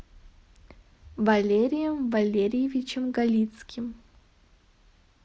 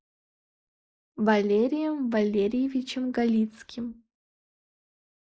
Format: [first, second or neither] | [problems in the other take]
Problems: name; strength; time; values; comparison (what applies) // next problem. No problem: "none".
first | noise reduction (neural mask model Resemble Enhance denoiser)